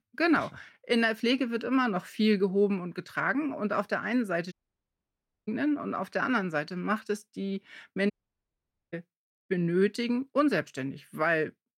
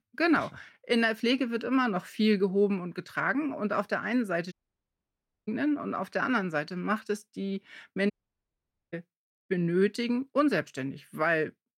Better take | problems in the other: neither | audio cutting out; at 4.5 s for 1 s and at 8 s for 1 s; the same in both

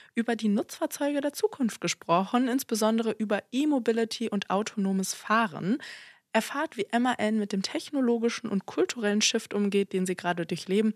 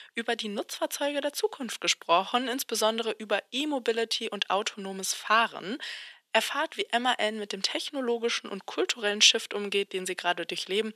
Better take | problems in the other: first | thin; somewhat; fading below 450 Hz

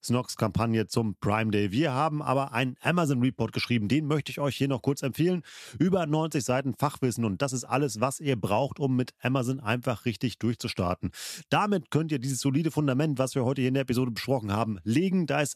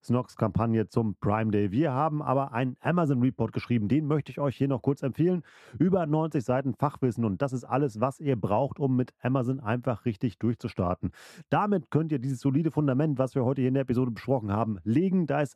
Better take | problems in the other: first | muffled; very; fading above 2 kHz

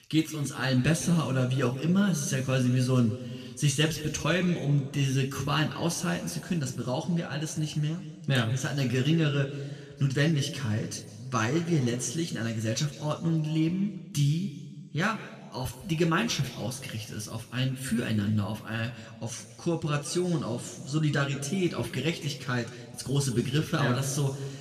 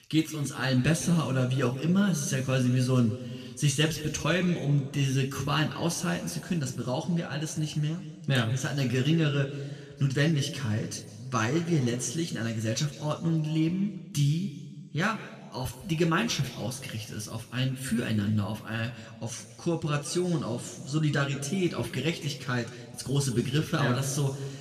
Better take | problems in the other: neither | room echo; slight; dies away in 1.4 s; the same in both

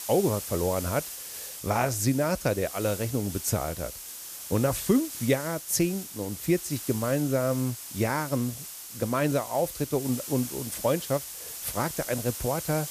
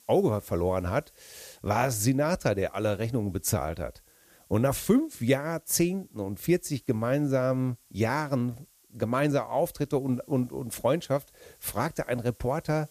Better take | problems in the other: second | hiss; loud; throughout; 8 dB below the speech; faint in the second

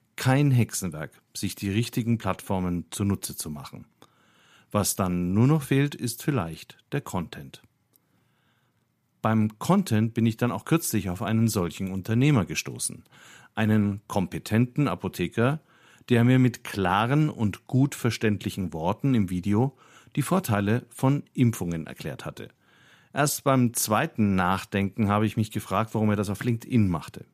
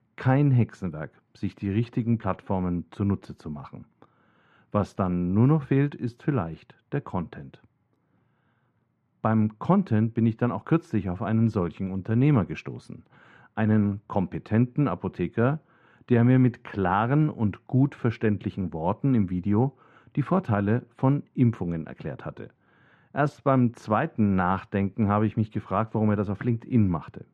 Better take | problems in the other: first | muffled; very; fading above 1.5 kHz

